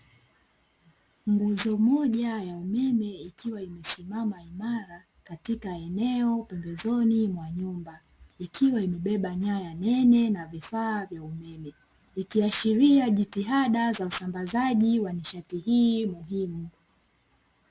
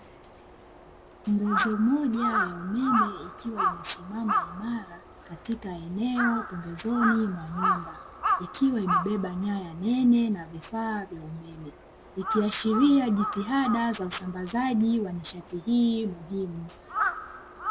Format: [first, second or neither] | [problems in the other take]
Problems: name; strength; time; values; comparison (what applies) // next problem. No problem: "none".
first | background sound (Crow); 5 dB below the speech